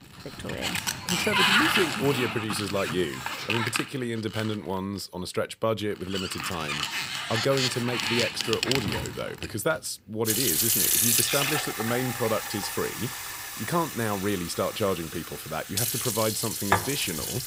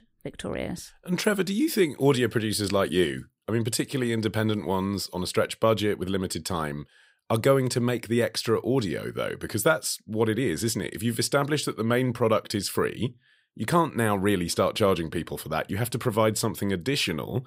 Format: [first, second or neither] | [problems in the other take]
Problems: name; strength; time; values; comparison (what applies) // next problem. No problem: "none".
second | household noises; very loud; throughout; 3 dB above the speech